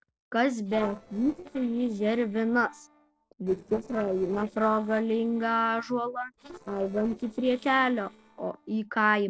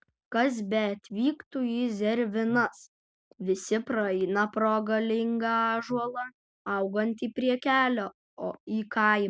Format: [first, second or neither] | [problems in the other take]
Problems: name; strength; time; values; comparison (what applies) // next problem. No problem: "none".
second | noise reduction (neural separator model SepFormer DNS4)